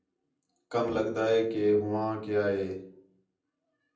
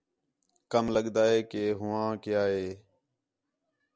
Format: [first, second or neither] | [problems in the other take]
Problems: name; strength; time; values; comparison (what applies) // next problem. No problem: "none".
second | room echo; dies away in 0.6 s